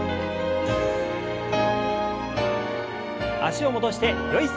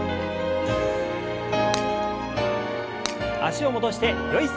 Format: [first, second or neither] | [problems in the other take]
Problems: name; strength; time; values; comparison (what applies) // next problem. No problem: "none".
first | background sound (Shatter); 12 dB below the speech